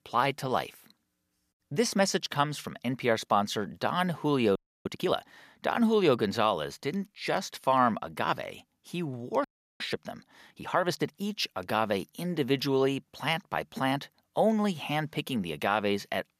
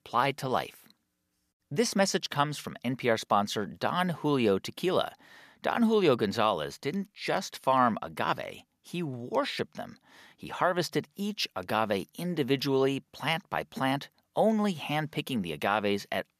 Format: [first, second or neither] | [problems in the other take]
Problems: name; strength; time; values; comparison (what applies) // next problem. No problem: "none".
second | audio freezing; at 4.5 s and at 9.5 s